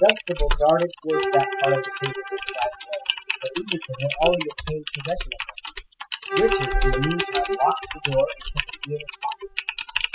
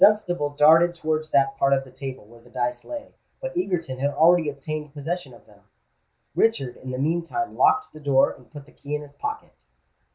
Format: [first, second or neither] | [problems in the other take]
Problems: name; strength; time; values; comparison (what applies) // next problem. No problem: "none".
second | noise reduction (classical method spectral subtraction)